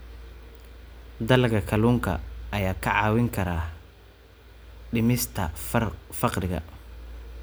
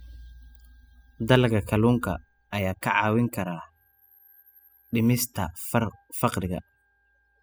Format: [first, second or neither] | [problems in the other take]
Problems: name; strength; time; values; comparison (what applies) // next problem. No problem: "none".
first | noise reduction (classical method spectral subtraction)